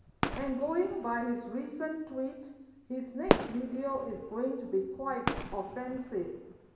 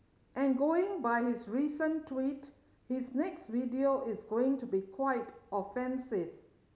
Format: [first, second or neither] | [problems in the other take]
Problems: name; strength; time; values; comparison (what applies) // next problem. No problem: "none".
second | background sound (Fireworks); 2 dB below the speech // room echo; dies away in 1.1 s